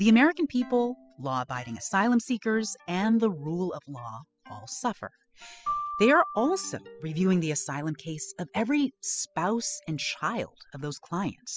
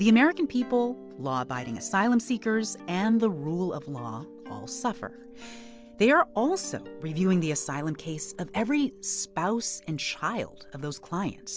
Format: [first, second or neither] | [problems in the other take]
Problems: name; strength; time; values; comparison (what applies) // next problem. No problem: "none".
second | noise reduction (classical method spectral subtraction)